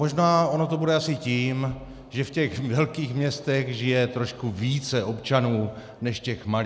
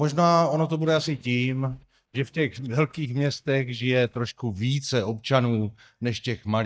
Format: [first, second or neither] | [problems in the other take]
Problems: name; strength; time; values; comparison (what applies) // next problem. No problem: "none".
first | noise reduction (neural mask model DeepFilterNet 3)